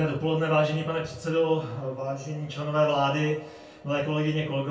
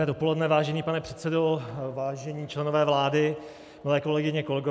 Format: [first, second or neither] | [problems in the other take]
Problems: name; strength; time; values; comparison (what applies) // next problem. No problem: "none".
second | room echo; dies away in 0.3 s